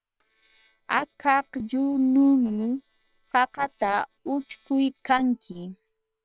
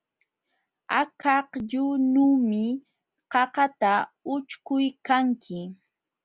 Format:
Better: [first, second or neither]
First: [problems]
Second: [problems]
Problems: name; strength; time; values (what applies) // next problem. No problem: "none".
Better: second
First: noise reduction (neural separator model SepFormer WHAM!)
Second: none